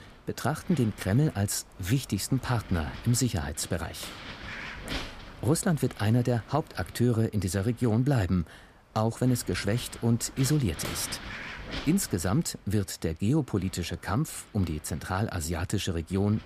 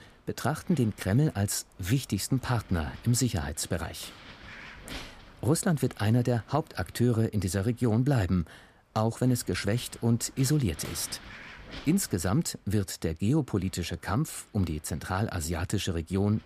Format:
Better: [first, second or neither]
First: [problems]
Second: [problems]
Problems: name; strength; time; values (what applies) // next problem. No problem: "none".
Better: second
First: wind noise on the microphone; heavy; 9 dB below the speech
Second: wind noise on the microphone; occasional gusts; 15 dB below the speech